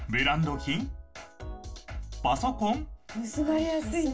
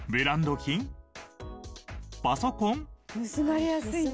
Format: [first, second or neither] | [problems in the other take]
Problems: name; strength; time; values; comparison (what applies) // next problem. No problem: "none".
second | room echo; dies away in 0.2 s